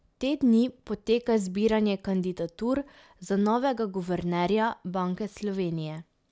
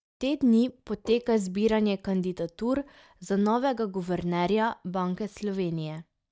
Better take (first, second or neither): first